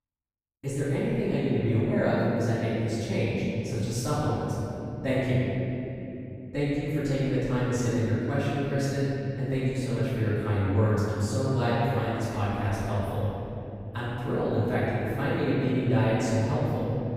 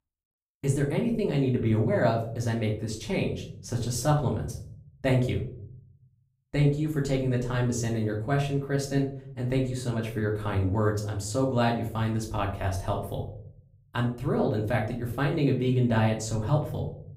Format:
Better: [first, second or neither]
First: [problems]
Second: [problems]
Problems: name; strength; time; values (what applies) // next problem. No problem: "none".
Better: second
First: room echo; strong; dies away in 3 s // off-mic speech; far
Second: room echo; slight; dies away in 0.5 s // off-mic speech; far